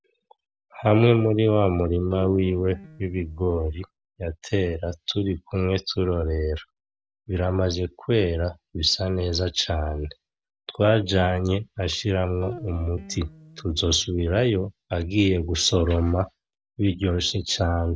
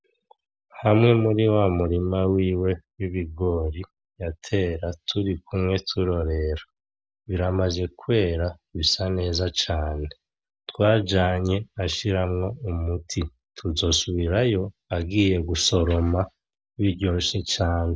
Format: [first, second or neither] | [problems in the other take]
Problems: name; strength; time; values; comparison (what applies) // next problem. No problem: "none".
second | background sound (Guitar); 17 dB below the speech